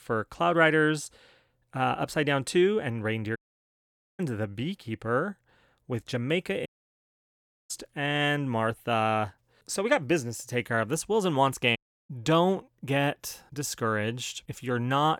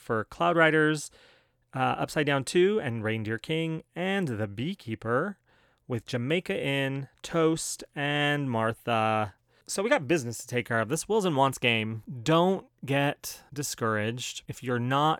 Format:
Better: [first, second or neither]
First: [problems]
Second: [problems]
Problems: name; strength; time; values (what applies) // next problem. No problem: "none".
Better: second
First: audio cutting out; at 3.5 s for 1 s, at 6.5 s for 1 s and at 12 s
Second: none